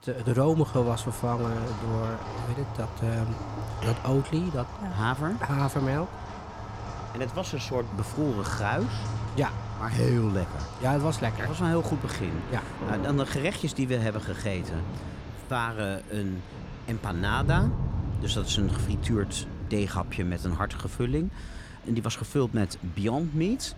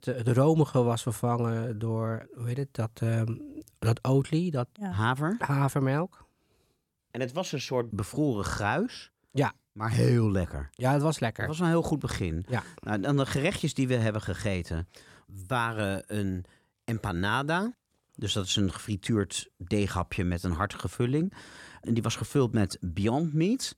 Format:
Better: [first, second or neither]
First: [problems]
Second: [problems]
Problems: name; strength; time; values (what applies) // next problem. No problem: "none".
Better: second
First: rain or running water; loud; throughout; 6 dB below the speech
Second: none